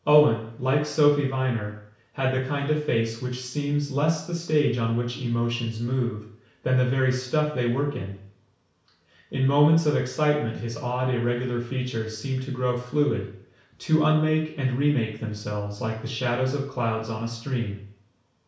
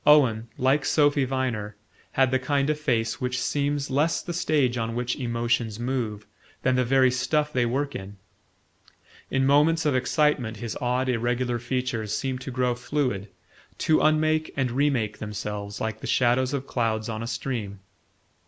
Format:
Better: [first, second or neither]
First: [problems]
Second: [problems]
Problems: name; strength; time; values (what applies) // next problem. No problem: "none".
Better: second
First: room echo; dies away in 0.6 s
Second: none